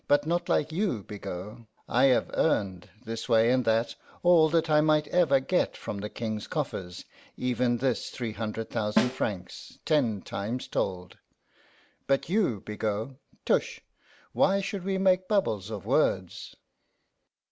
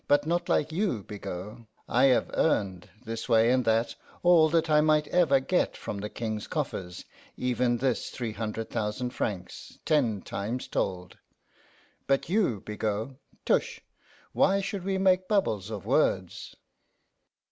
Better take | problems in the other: second | background sound (Snare drum); 5 dB below the speech

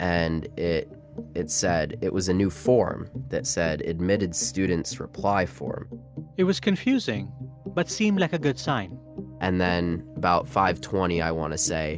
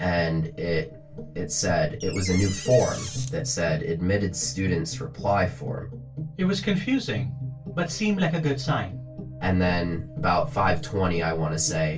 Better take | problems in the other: first | background sound (Door); 11 dB below the speech // room echo; dies away in 0.2 s

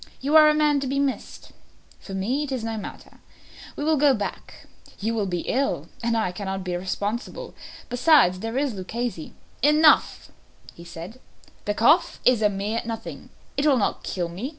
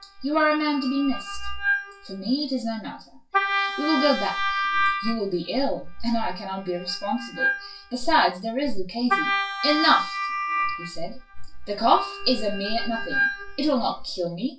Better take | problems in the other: first | noise reduction (classical method WPE with log-MMSE)

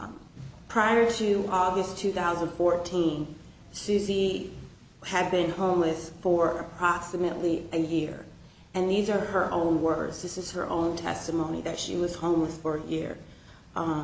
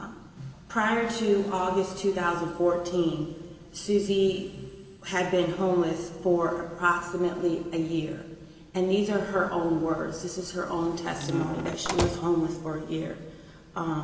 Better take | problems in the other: first | background sound (Squeak / Slam / Wood); 5 dB below the speech // room echo; dies away in 2.8 s

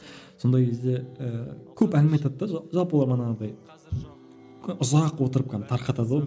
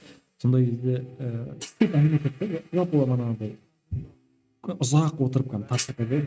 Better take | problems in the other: first | noise reduction (neural mask model RNNoise)

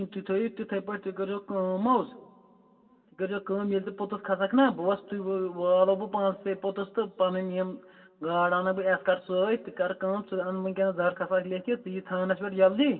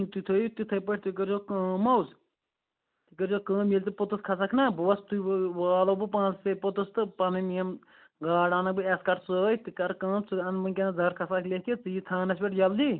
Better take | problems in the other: second | room echo; dies away in 1.8 s

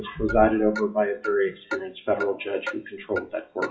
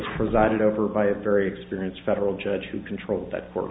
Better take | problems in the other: second | noise reduction (classical method WPE with log-MMSE)

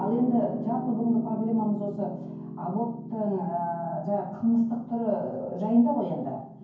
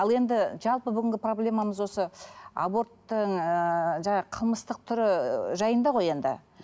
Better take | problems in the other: second | background sound (Piano); 10 dB below the speech // room echo; dies away in 0.9 s

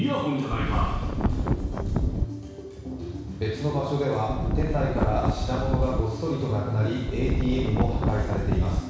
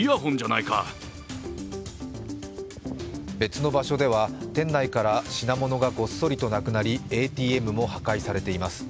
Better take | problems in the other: second | background sound (Wind); 2 dB above the speech // room echo; dies away in 1.1 s

